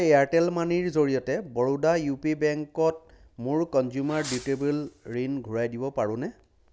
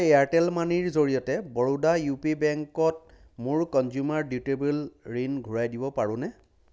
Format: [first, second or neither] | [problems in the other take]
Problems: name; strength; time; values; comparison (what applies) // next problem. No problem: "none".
second | background sound (Fireworks); 19 dB below the speech